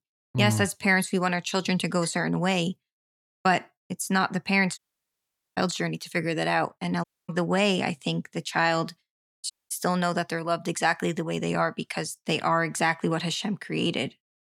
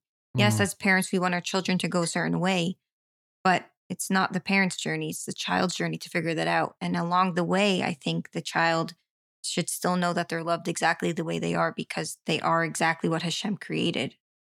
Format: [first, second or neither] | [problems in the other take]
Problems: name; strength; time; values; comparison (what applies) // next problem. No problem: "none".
second | audio cutting out; at 5 s for 1 s, at 7 s and at 9.5 s